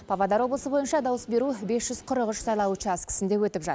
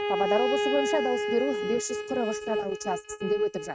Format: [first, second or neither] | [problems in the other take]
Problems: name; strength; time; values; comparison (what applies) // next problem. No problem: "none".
first | noise reduction (neural mask model RNNoise)